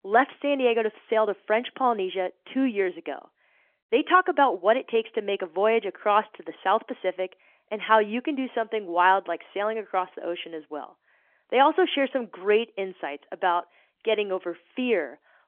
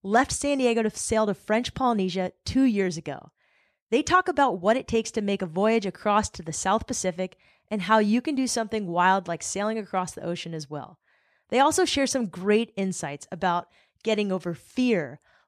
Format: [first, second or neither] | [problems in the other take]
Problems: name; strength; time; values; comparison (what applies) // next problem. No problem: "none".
second | phone-call audio; nothing above 3.5 kHz